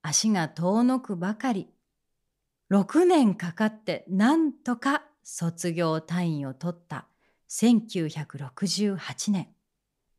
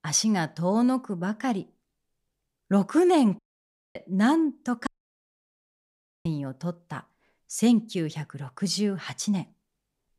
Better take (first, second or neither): first